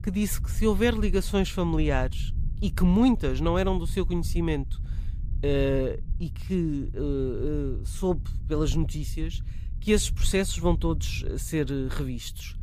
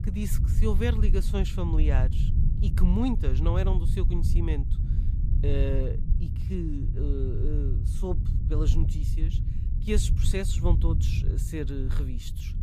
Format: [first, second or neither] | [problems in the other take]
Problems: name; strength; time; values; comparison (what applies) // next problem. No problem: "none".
first | low rumble; loud; throughout; 7 dB below the speech; faint in the first